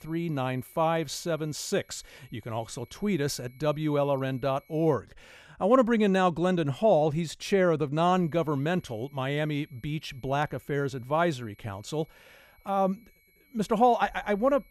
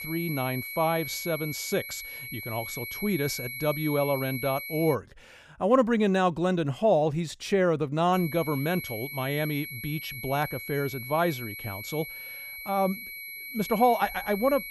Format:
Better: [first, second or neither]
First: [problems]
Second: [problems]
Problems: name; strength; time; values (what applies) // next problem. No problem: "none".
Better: first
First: high-pitched whine; faint; until 5 s and from 8 s on; 2.5 kHz, 35 dB below the speech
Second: high-pitched whine; loud; until 5 s and from 8 s on; 2.5 kHz, 8 dB below the speech